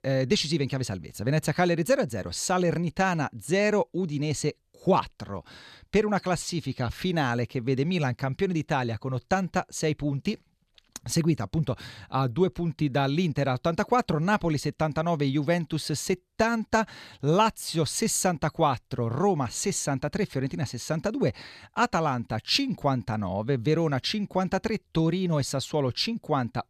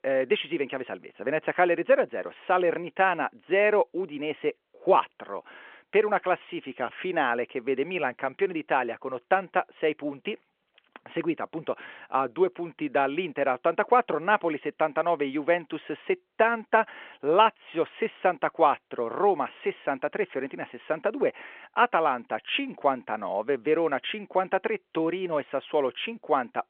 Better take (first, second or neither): first